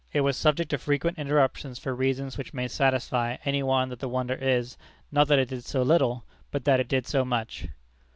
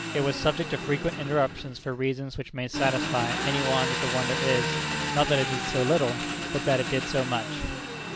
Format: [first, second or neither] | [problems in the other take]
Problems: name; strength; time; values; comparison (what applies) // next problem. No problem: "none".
first | background sound (Engine); 3 dB below the speech